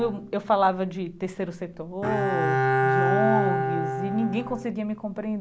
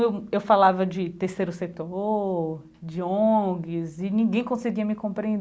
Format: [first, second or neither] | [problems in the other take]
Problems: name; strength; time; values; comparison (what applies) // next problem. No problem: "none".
second | background sound (Bowed string instrument); as loud as the speech